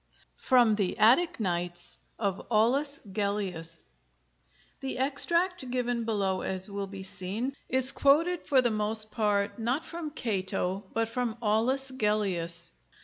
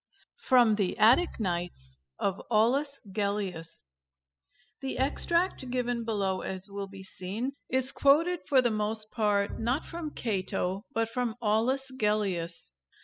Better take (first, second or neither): first